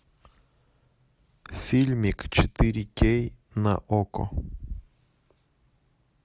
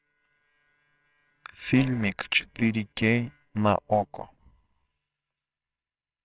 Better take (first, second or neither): first